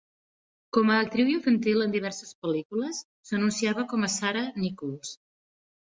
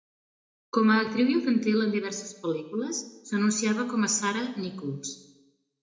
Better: first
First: none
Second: room echo; dies away in 0.7 s

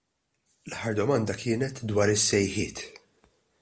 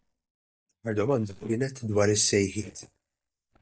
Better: first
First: none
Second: noise reduction (neural mask model DeepFilterNet 3)

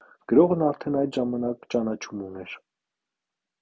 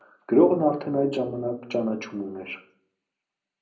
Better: first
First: none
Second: room echo; dies away in 0.5 s

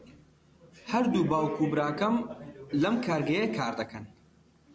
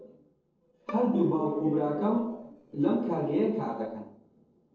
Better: first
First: none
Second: noise reduction (neural separator model SepFormer DNS4)

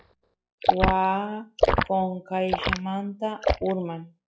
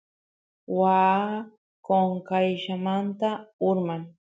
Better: second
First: noise reduction (classical method log-MMSE)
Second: none

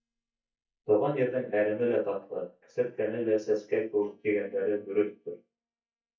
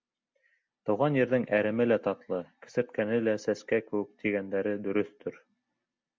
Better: second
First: noise reduction (neural mask model DeepFilterNet 3)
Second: none

